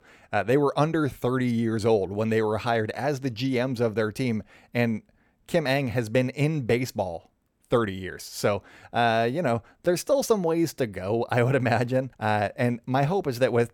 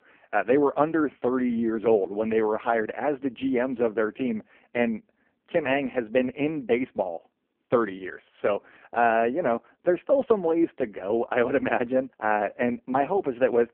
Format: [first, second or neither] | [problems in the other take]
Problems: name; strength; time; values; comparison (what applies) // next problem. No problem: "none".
first | phone-call audio; poor line